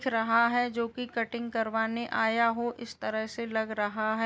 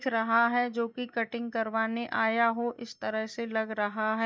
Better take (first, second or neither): first